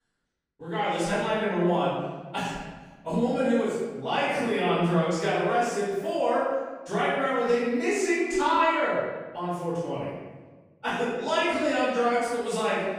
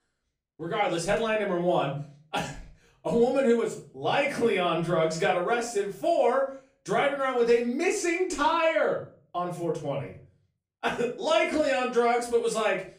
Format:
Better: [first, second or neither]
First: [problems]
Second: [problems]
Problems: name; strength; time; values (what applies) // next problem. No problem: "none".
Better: second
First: room echo; strong; dies away in 1.1 s // off-mic speech; far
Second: room echo; slight; dies away in 0.4 s // off-mic speech; far